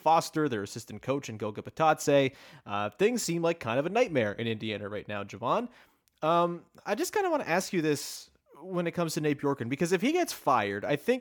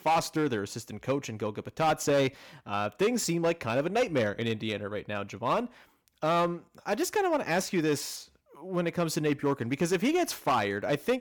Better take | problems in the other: first | distortion; slight; 6% of the sound clipped

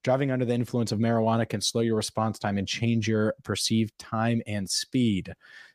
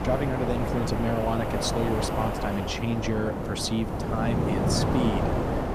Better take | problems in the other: first | wind noise on the microphone; heavy; 1 dB above the speech

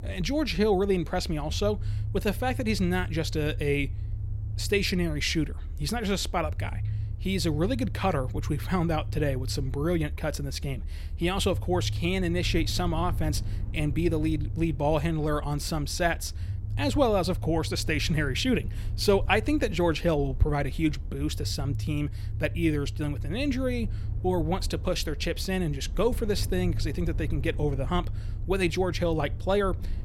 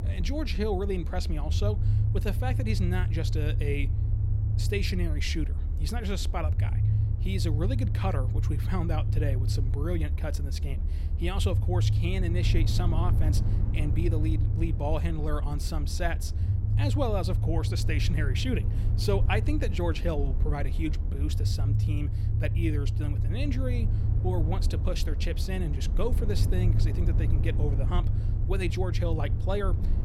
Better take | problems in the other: first | low rumble; loud; throughout; 7 dB below the speech; faint in the first

